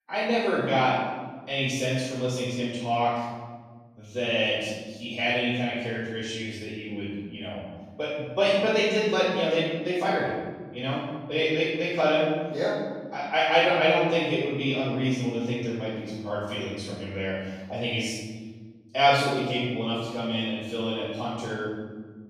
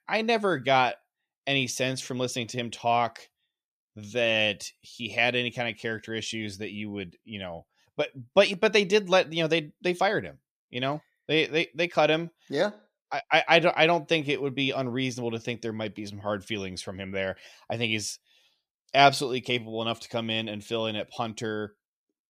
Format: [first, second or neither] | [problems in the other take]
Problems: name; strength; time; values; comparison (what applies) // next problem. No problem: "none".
second | off-mic speech; far // room echo; strong; dies away in 1.6 s